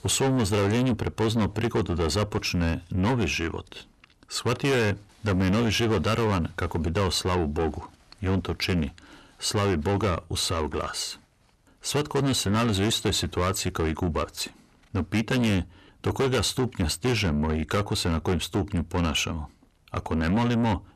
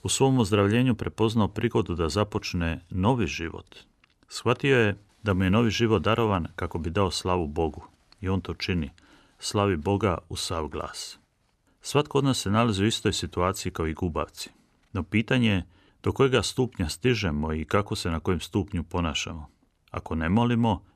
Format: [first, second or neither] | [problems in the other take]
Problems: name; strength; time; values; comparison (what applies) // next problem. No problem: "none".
second | distortion; heavy; 7 dB below the speech